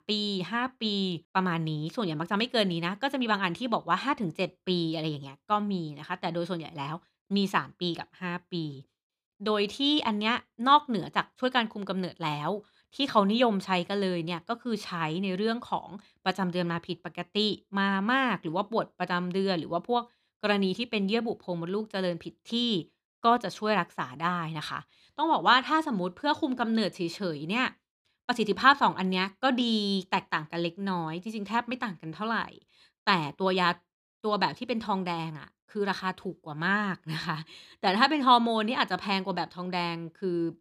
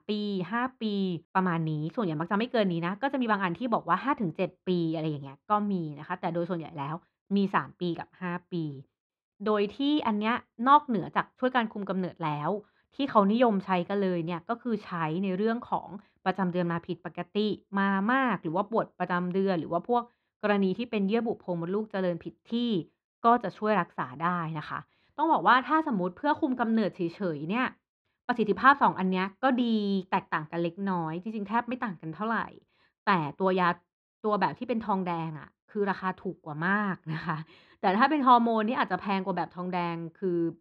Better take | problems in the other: first | muffled; slightly; fading above 4 kHz

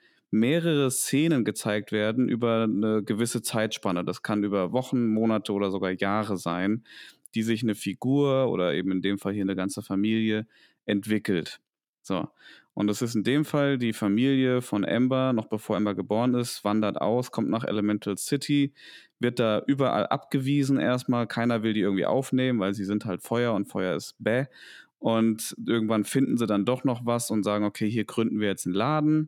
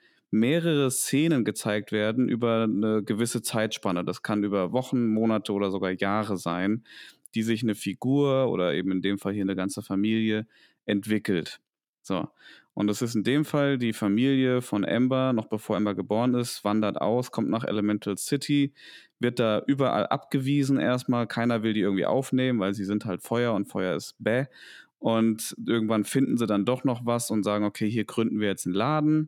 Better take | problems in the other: neither | none

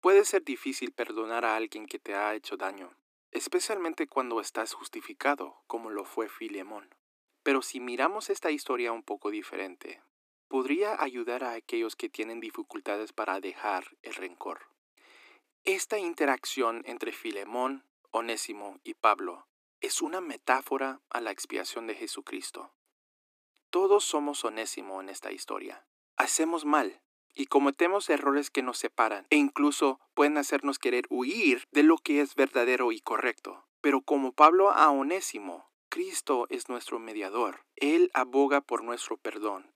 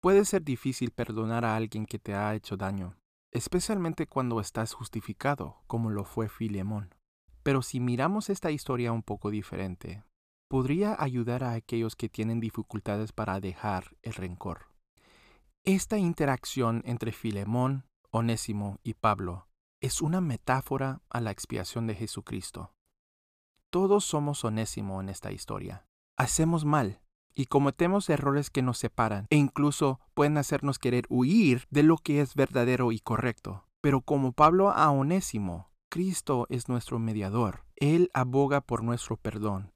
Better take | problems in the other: second | thin; somewhat; fading below 300 Hz

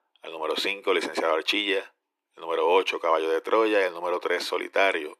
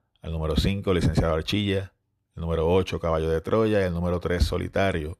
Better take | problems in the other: second | thin; very; fading below 300 Hz

